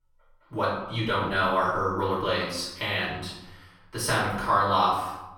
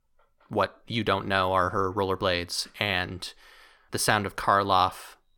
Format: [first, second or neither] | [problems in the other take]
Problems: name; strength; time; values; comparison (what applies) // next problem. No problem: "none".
second | off-mic speech; far // room echo; noticeable; dies away in 0.8 s